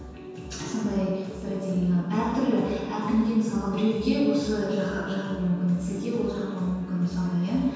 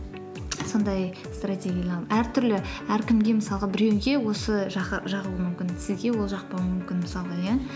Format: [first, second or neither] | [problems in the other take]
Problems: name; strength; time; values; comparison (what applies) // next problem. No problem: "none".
second | room echo; dies away in 1.2 s